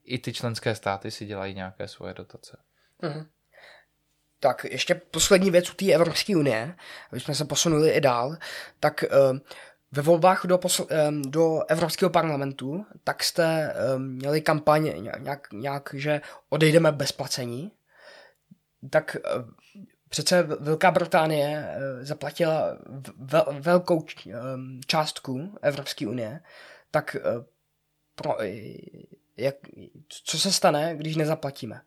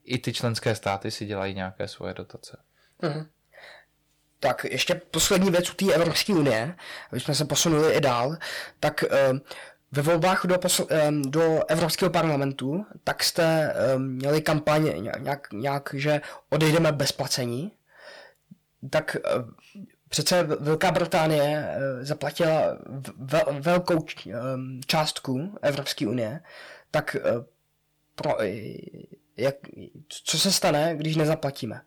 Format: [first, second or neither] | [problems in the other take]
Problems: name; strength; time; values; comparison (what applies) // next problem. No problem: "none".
first | distortion; heavy; 8% of the sound clipped